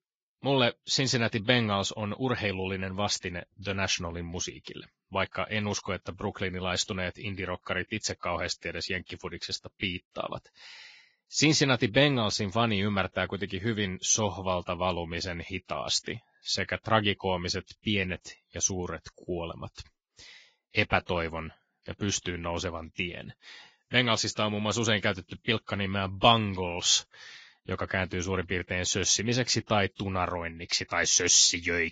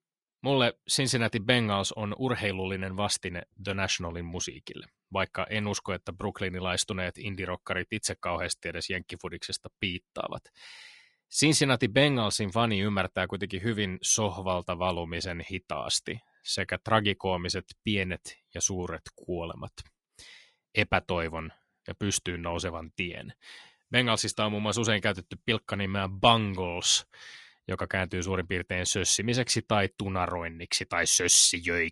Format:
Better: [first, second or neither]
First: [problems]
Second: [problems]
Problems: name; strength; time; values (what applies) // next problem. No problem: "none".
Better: second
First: garbled, watery; badly; nothing above 6 kHz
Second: garbled, watery; slightly; nothing above 10.5 kHz